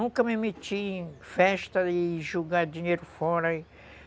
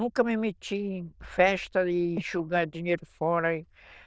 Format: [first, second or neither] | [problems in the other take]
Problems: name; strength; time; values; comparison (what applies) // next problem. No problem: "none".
first | noise reduction (neural diffusion model UNIVERSE++)